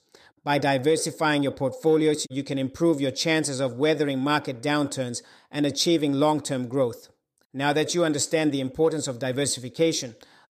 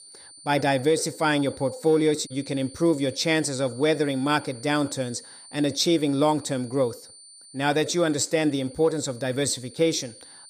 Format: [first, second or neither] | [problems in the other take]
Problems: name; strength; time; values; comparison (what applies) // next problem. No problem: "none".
first | high-pitched whine; noticeable; throughout; 9 kHz, 20 dB below the speech